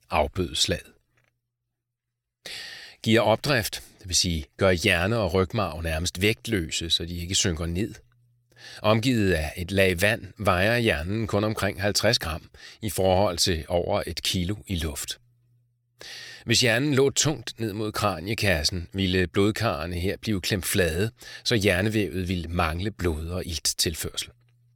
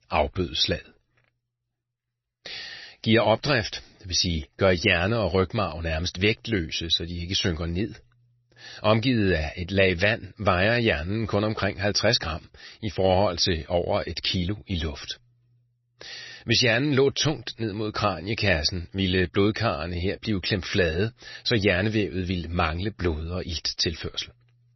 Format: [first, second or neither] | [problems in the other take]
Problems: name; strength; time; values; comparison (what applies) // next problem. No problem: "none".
first | garbled, watery; slightly; nothing above 6 kHz